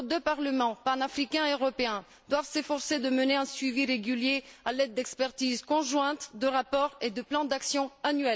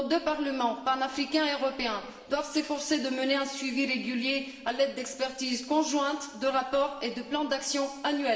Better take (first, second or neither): first